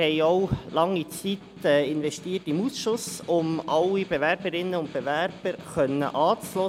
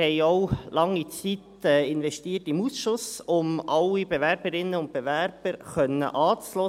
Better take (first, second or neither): second